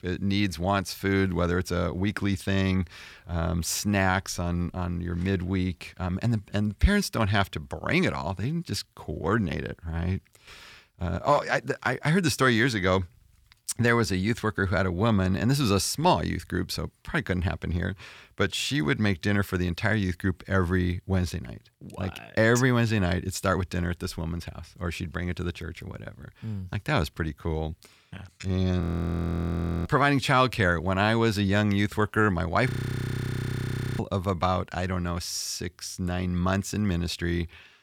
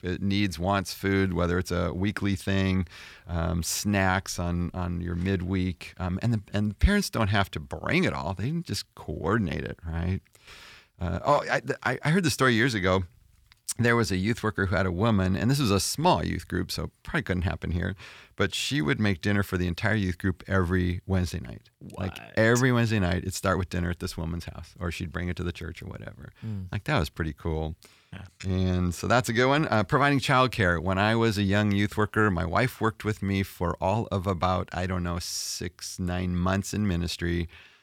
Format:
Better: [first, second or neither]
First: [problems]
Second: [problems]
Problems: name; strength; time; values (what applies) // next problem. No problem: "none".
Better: second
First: audio freezing; at 29 s for 1 s and at 33 s for 1.5 s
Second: none